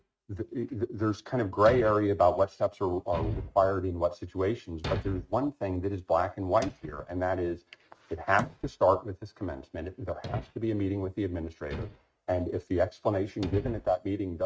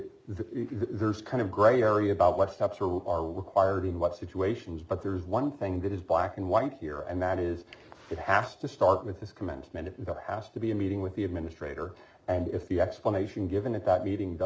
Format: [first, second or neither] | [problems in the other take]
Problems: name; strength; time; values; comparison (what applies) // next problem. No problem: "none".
second | noise reduction (neural mask model RNNoise)